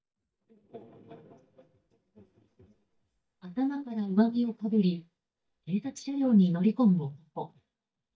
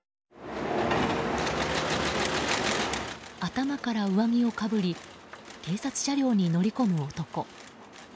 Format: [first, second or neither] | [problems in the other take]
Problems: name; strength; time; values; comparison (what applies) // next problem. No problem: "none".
second | noise reduction (neural mask model DeepFilterNet 3)